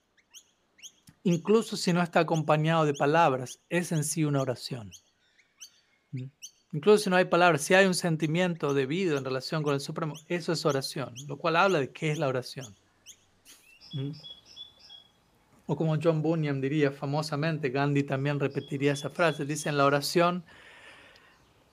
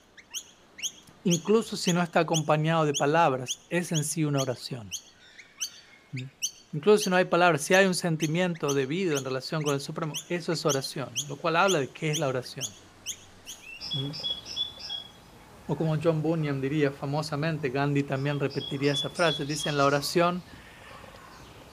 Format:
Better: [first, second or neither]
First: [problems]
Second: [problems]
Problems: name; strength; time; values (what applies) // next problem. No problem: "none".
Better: first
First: animal sounds; faint; throughout; 25 dB below the speech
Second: animal sounds; loud; throughout; 9 dB below the speech